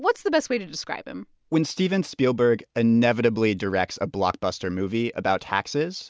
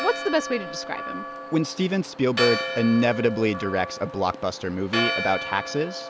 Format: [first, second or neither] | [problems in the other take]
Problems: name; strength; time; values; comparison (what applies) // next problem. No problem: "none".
first | background sound (Church bell); 6 dB below the speech